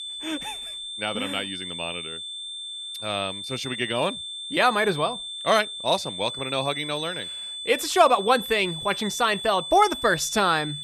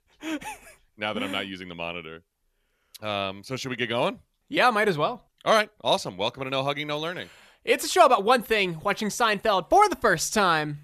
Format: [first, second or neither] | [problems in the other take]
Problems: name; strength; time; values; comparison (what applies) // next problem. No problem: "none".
second | high-pitched whine; loud; throughout; 3.5 kHz, 8 dB below the speech